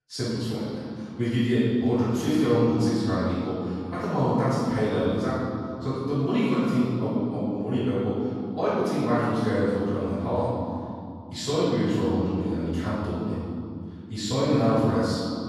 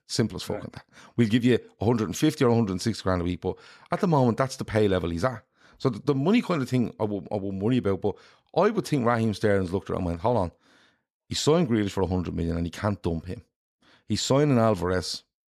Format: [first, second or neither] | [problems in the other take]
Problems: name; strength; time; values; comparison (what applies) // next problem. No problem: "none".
second | off-mic speech; far // room echo; strong; dies away in 2.4 s